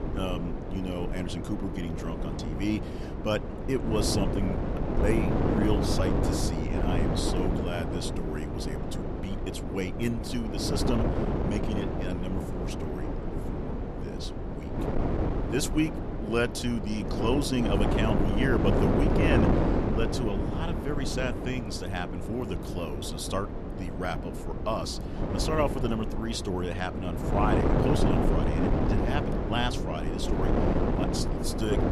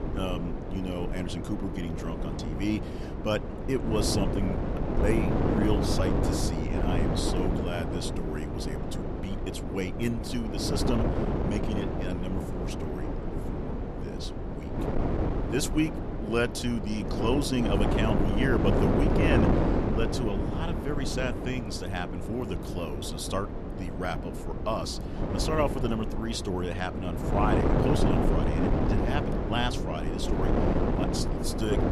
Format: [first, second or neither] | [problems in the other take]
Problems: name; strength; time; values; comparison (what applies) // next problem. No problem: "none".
neither | wind noise on the microphone; heavy; as loud as the speech; the same in both